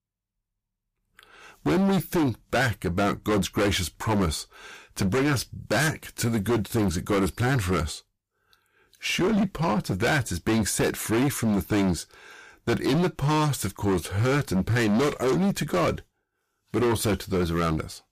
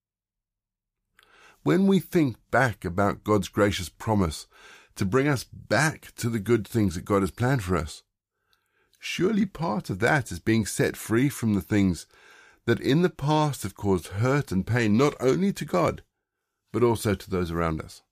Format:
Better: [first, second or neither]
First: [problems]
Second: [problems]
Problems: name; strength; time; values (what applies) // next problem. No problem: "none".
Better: second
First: distortion; heavy; 18% of the sound clipped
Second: none